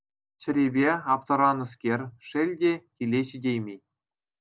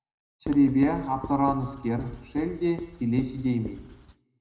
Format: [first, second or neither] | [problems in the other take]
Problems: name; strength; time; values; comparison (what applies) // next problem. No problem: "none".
first | background sound (Writing); 14 dB below the speech // room echo; dies away in 0.8 s